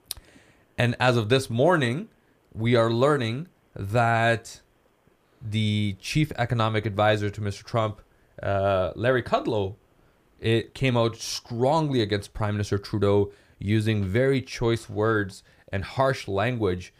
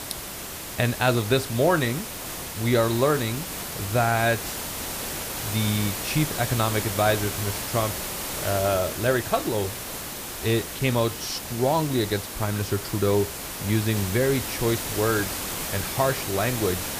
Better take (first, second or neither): first